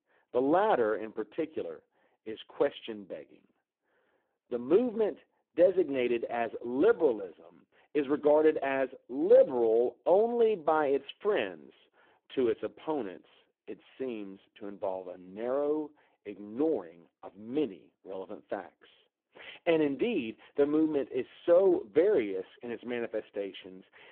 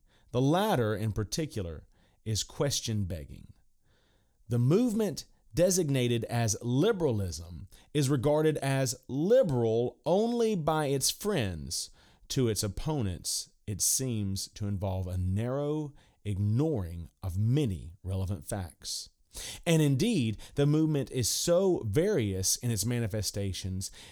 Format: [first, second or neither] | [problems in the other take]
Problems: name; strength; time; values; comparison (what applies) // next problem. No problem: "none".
second | phone-call audio; poor line